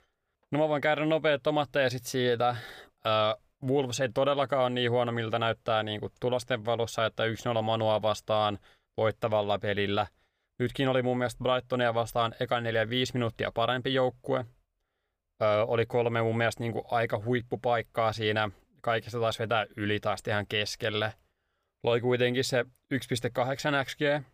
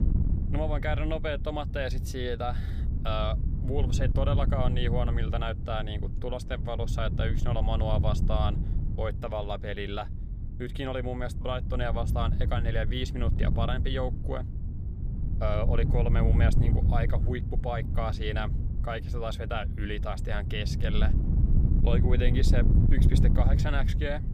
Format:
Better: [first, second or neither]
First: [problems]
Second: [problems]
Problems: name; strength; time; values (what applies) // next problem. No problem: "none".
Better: first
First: none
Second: wind noise on the microphone; heavy; 8 dB below the speech